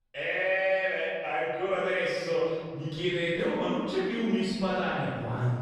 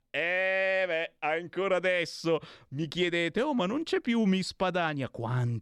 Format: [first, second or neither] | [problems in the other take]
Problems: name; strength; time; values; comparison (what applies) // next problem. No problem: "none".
second | off-mic speech; far // room echo; strong; dies away in 1.6 s